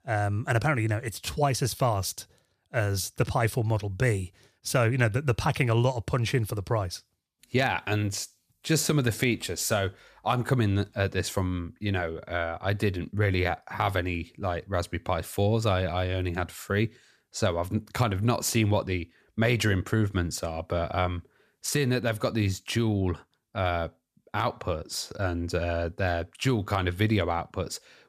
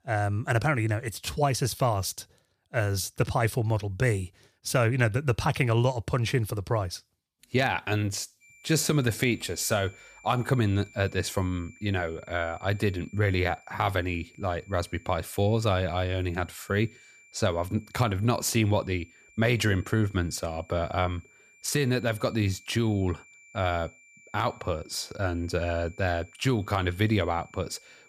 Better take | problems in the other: first | high-pitched whine; faint; from 8.5 s on; 2.5 kHz, 25 dB below the speech

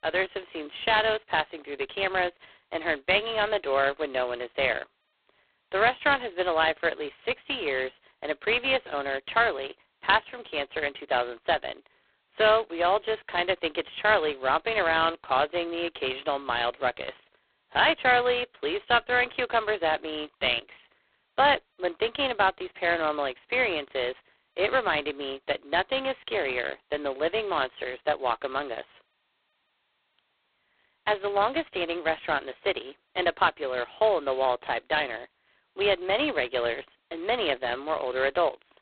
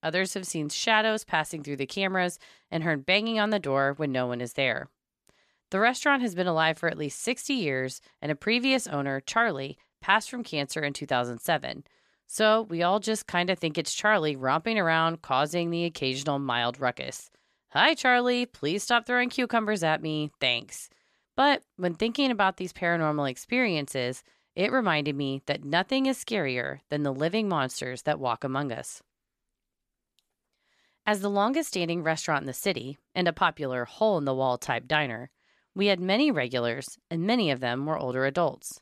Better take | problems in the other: second | phone-call audio; poor line; nothing above 4 kHz

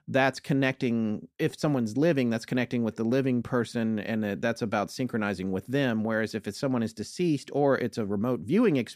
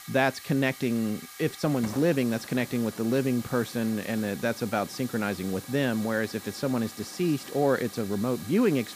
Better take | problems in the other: first | hiss; noticeable; throughout; 15 dB below the speech

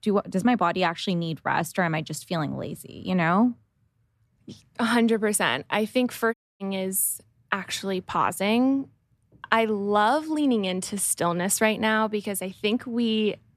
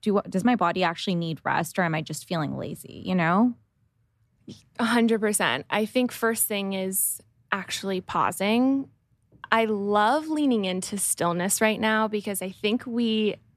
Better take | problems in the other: second | audio cutting out; at 6.5 s

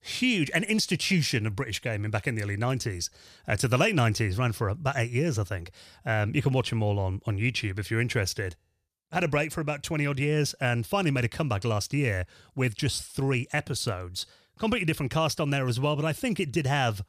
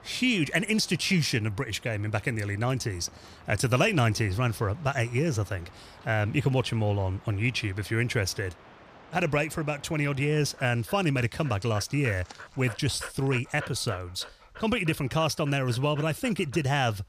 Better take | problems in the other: first | animal sounds; faint; throughout; 20 dB below the speech

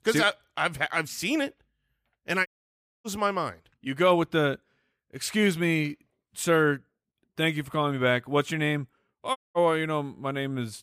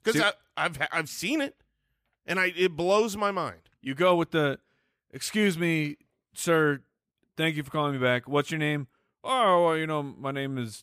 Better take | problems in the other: second | audio cutting out; at 2.5 s for 0.5 s and at 9.5 s

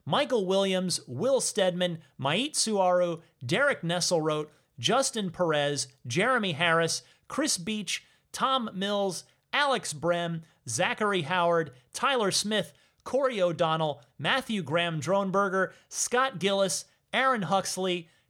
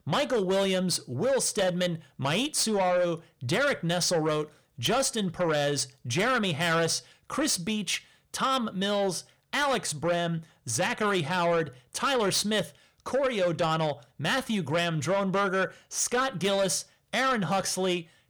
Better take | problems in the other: first | distortion; slight; 10 dB below the speech

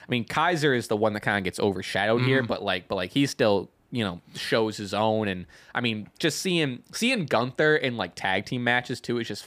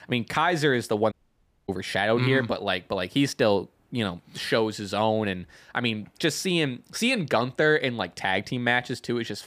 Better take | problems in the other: first | audio cutting out; at 1 s for 0.5 s

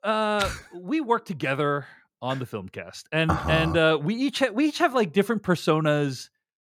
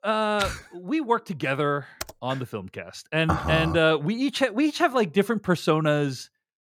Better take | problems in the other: first | keyboard typing; faint; at 2 s; peak 15 dB below the speech

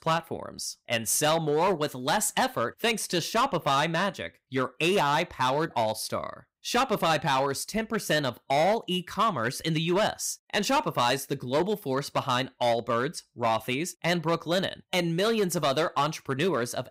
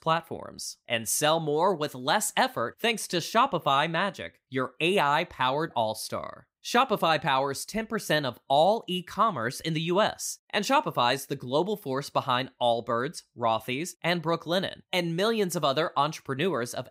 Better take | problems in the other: second | distortion; slight; 7% of the sound clipped

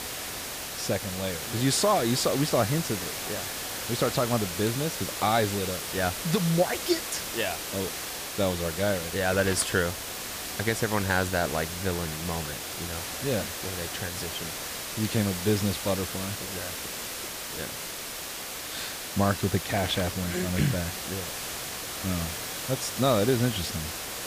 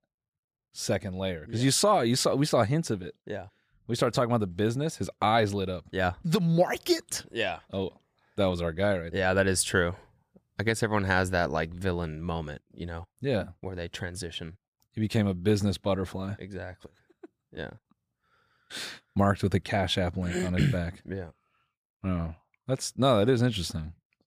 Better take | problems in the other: second | hiss; loud; throughout; 4 dB below the speech

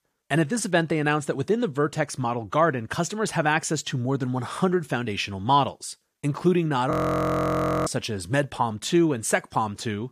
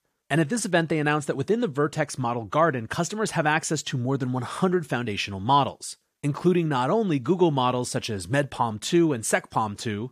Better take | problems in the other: second | audio freezing; at 7 s for 1 s

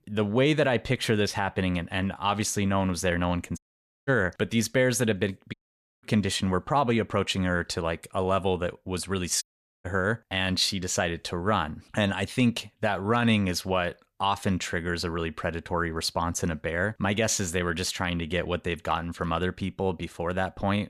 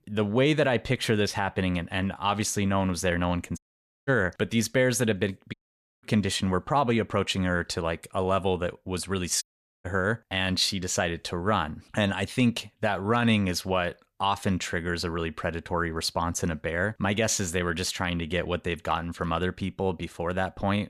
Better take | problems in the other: neither | audio cutting out; at 3.5 s, at 5.5 s and at 9.5 s; the same in both

